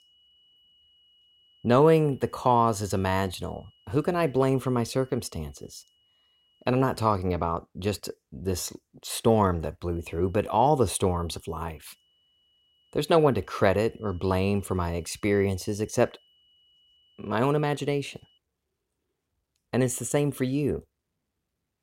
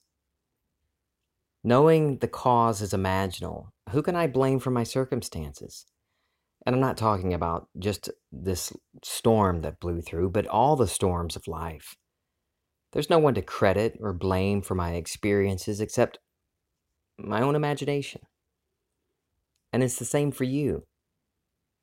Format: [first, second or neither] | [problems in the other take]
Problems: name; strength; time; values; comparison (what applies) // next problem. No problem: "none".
second | high-pitched whine; faint; until 7 s and from 10 to 18 s; 3 kHz, 35 dB below the speech